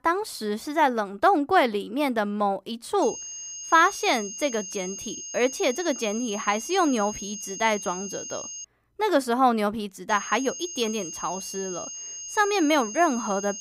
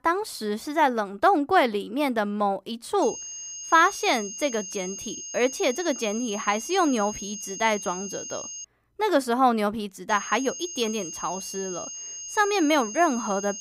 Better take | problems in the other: neither | high-pitched whine; loud; from 3 to 8.5 s and from 10 s on; 6.5 kHz, 9 dB below the speech; the same in both

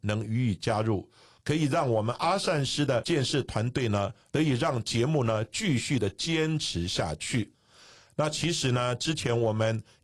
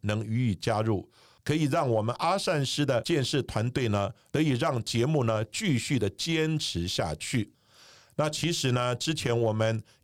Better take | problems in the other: second | garbled, watery; slightly

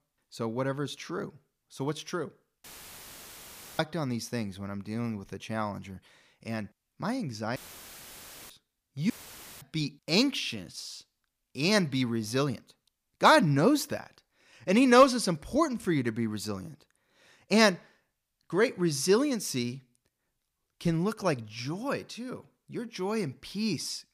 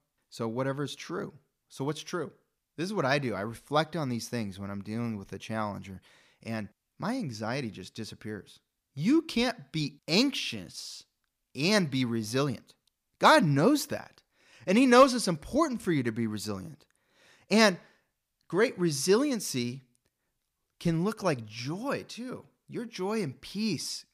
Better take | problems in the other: second | audio cutting out; filled with static; at 2.5 s for 1 s, at 7.5 s for 1 s and at 9 s for 0.5 s

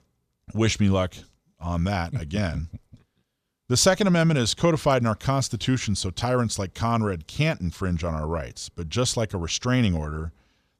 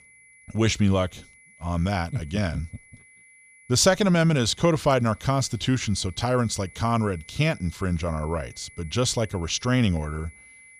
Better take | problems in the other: first | high-pitched whine; faint; throughout; 2 kHz, 25 dB below the speech

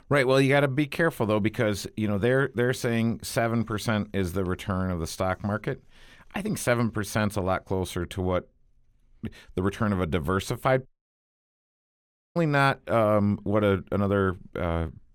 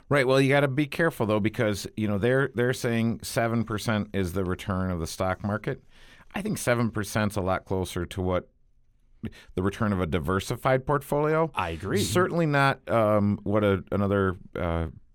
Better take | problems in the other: second | audio cutting out; at 11 s for 1.5 s

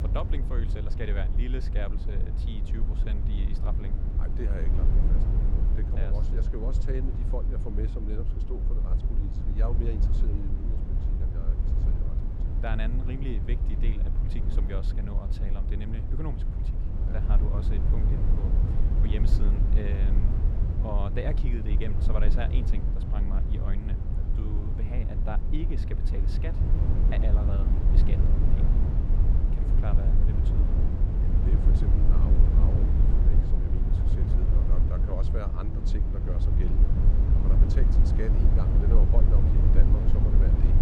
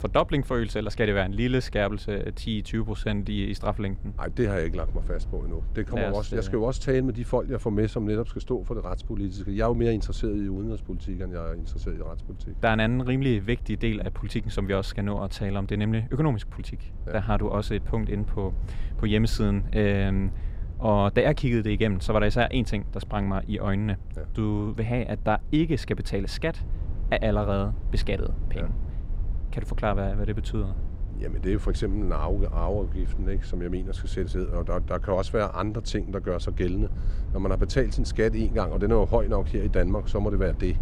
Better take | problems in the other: second | low rumble; loud; throughout; as loud as the speech; faint in the second

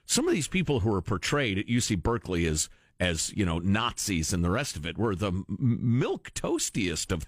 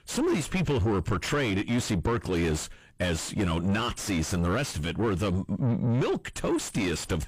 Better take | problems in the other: first | distortion; heavy; 6 dB below the speech

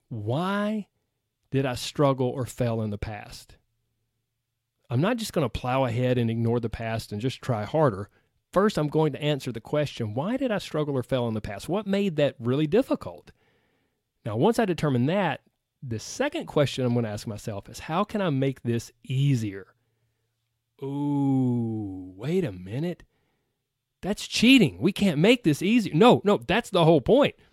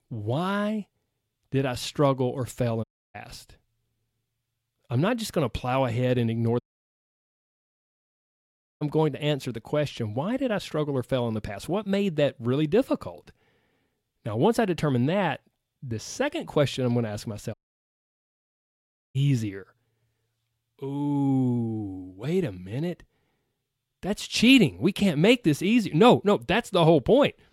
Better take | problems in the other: first | audio cutting out; at 3 s, at 6.5 s for 2 s and at 18 s for 1.5 s

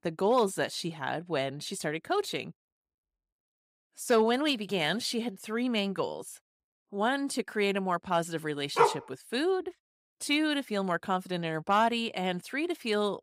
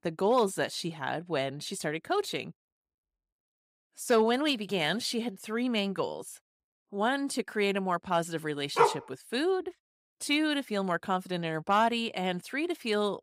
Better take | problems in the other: neither | dog barking; loud; at 9 s; peak 4 dB above the speech; the same in both

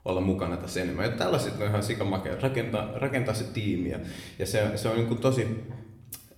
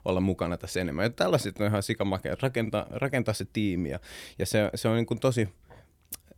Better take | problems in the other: second | room echo; slight; dies away in 0.7 s

